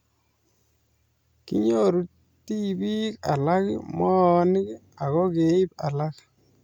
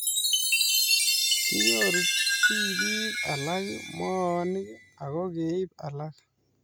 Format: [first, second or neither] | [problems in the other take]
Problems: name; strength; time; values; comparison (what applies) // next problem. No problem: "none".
first | background sound (Chime); 5 dB above the speech